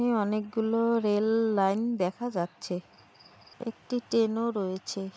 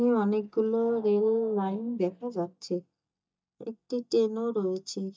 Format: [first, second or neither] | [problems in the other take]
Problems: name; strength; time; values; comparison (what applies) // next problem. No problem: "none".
first | noise reduction (neural mask model DeepFilterNet 3)